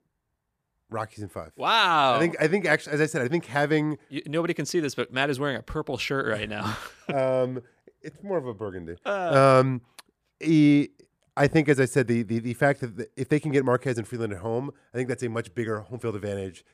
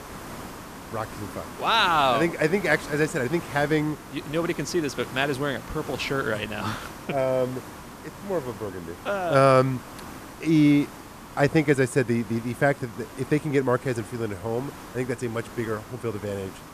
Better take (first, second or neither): first